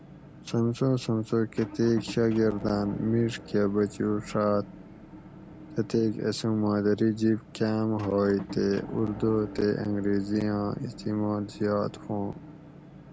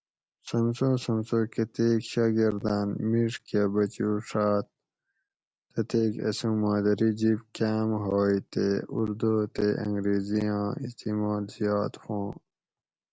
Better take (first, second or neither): second